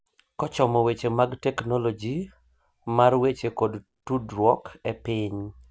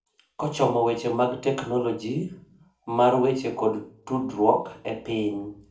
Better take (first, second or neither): first